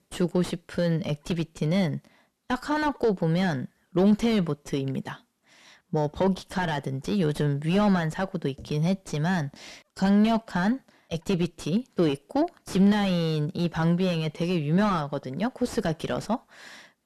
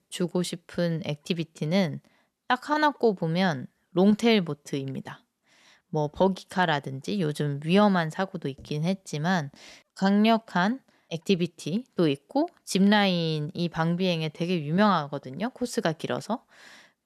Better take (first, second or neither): second